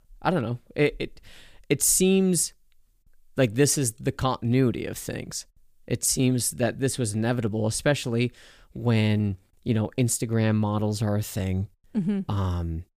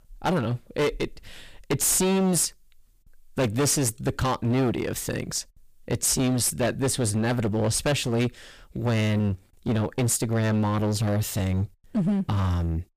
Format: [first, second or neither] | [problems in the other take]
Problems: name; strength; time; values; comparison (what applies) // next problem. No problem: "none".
first | distortion; heavy; 17% of the sound clipped